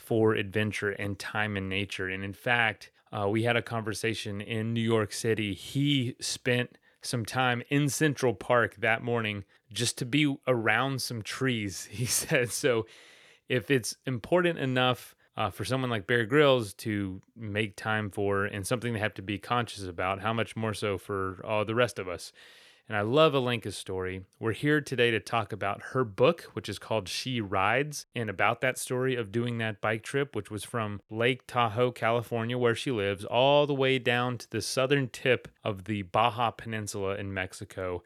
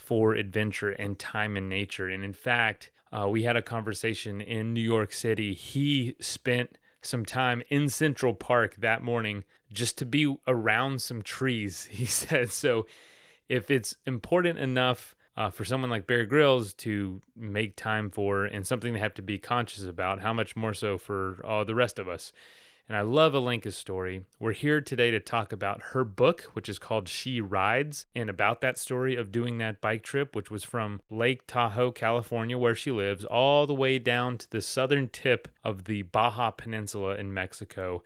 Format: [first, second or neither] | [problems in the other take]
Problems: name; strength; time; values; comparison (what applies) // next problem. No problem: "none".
first | garbled, watery; slightly